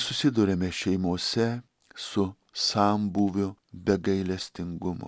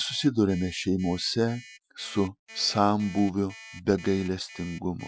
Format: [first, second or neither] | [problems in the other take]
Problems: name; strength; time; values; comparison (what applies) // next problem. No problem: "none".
first | noise reduction (classical method Wiener filter)